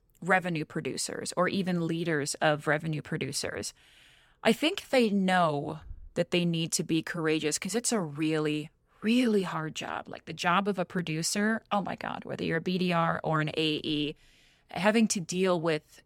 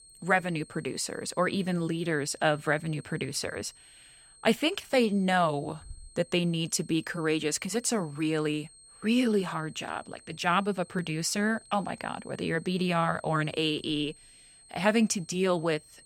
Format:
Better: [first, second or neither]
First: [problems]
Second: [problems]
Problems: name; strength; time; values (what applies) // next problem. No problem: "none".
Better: first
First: none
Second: high-pitched whine; faint; throughout; 8.5 kHz, 25 dB below the speech